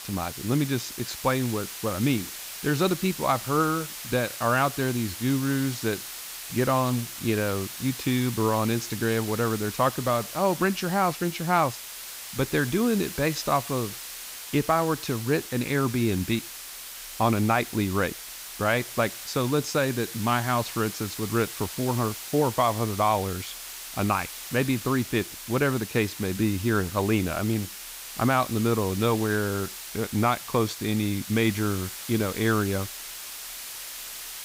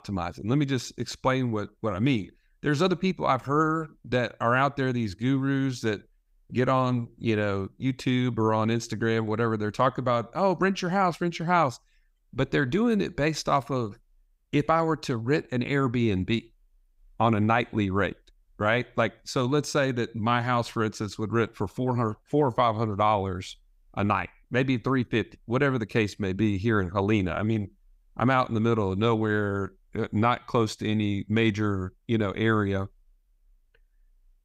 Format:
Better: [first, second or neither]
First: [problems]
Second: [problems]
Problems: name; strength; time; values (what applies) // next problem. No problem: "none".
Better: second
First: hiss; loud; throughout; 9 dB below the speech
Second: none